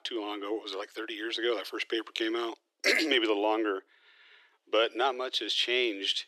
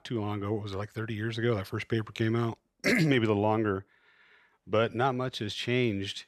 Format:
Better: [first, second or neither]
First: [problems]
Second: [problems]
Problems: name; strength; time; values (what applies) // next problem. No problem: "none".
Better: second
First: thin; very; fading below 300 Hz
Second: none